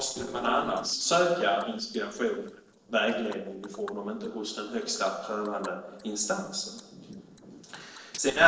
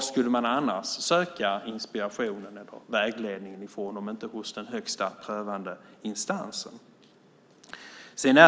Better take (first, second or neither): second